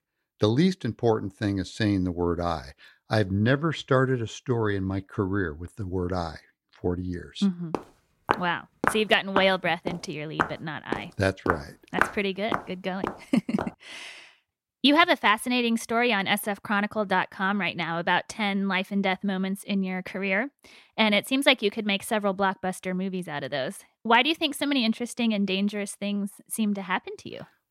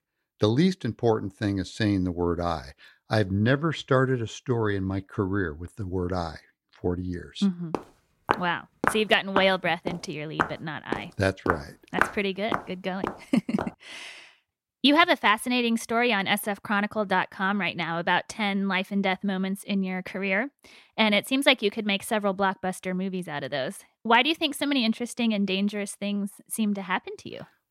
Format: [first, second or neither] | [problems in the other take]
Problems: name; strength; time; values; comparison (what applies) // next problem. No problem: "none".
neither | footsteps; noticeable; from 7.5 to 14 s; peak 1 dB below the speech; the same in both